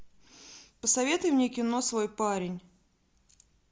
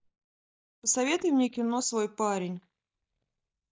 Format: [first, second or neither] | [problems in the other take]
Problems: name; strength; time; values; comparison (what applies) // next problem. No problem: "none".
first | noise reduction (neural mask model DeepFilterNet 3)